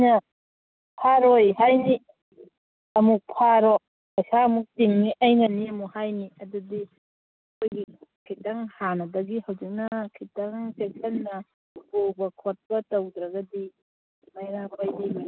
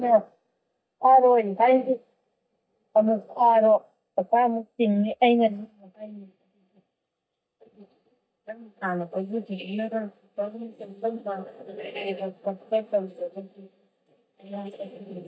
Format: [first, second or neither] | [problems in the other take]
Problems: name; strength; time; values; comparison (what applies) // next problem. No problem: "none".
first | noise reduction (neural mask model DeepFilterNet 3)